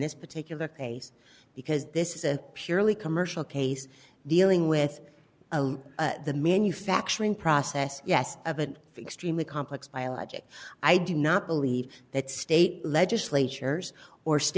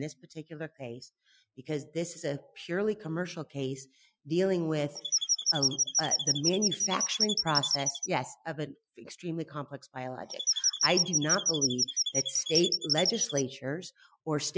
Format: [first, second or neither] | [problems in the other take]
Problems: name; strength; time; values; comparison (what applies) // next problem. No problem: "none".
first | noise reduction (classical method Wiener filter)